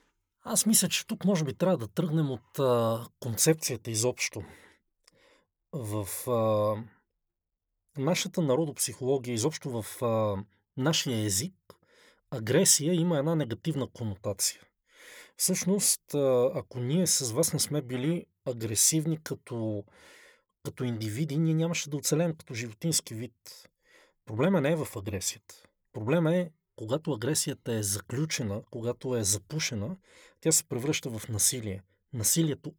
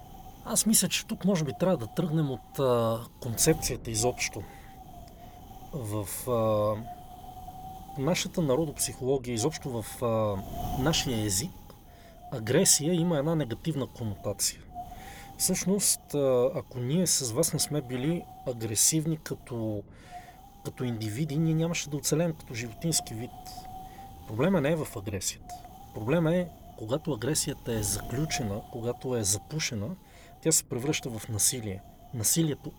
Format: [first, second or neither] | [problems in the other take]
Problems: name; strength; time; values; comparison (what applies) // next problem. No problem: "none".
first | wind noise on the microphone; occasional gusts; 15 dB below the speech